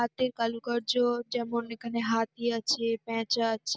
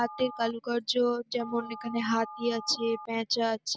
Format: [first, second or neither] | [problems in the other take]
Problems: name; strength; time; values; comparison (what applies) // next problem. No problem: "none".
first | background sound (Telephone); 15 dB below the speech